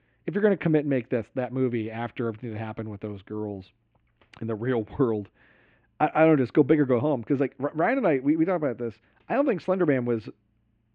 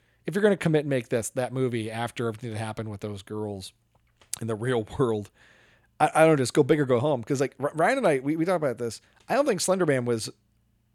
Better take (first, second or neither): second